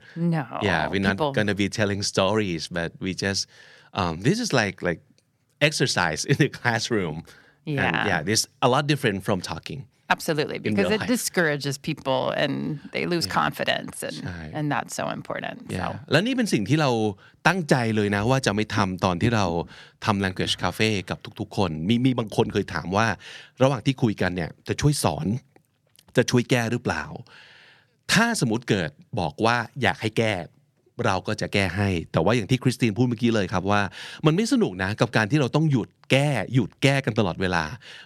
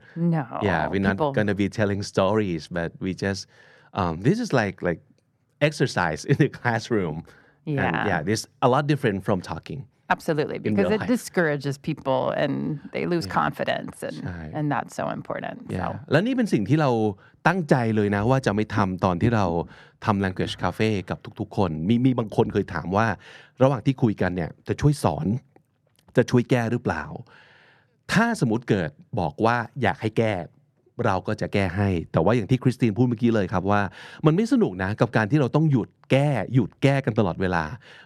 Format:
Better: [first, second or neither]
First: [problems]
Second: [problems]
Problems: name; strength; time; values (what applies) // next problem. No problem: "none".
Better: first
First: none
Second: muffled; slightly; fading above 2 kHz